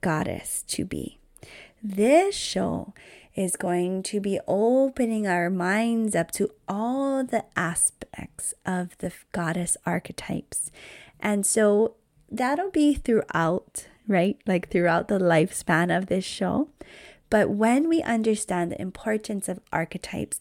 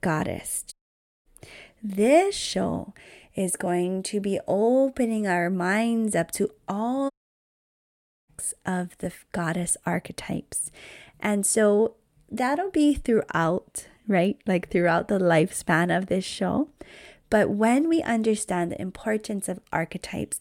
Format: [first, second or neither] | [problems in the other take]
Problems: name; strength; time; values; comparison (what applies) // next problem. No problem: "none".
first | audio cutting out; at 0.5 s for 0.5 s and at 7 s for 1 s